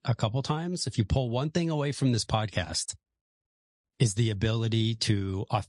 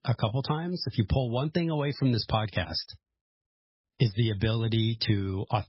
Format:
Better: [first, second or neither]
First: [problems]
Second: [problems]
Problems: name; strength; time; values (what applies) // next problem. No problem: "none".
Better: first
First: garbled, watery; slightly; nothing above 9.5 kHz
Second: garbled, watery; badly; nothing above 5.5 kHz